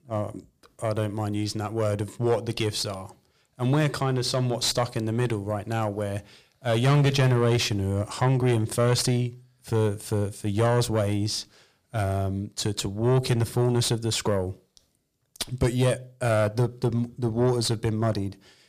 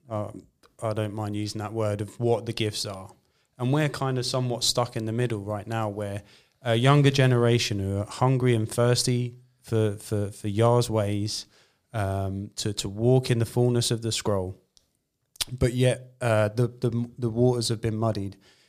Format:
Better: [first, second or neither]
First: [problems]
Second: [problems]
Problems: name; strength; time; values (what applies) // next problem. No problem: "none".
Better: second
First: distortion; slight; 10 dB below the speech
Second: none